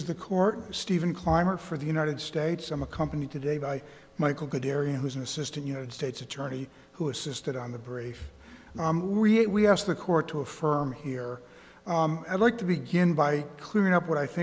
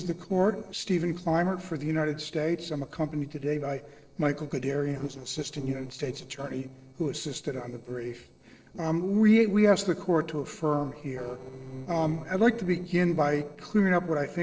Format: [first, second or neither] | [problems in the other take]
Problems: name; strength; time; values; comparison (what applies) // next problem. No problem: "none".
first | noise reduction (neural separator model SepFormer DNS4)